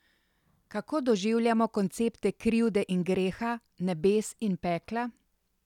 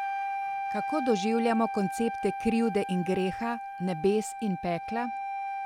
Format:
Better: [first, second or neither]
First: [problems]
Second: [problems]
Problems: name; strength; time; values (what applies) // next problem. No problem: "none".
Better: first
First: none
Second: background sound (Wind instrument, woodwind instrument); 5 dB below the speech